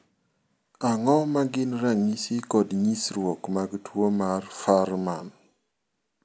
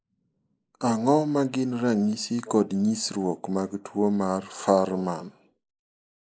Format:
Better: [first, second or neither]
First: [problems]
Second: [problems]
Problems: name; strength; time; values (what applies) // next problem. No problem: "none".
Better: first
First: none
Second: noise reduction (neural mask model Resemble Enhance denoiser)